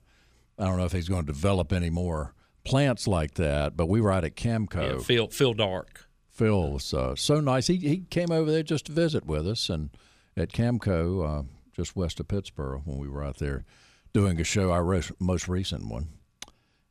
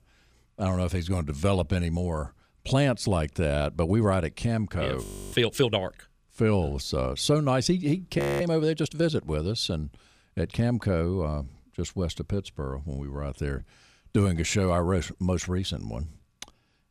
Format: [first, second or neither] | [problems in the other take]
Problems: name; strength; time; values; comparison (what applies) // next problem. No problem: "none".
first | audio freezing; at 5 s and at 8 s